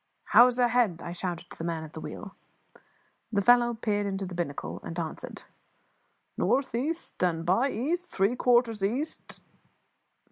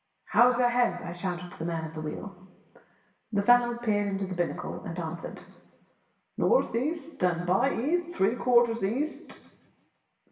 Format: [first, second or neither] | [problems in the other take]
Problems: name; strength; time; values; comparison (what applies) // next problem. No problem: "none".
first | room echo; dies away in 1 s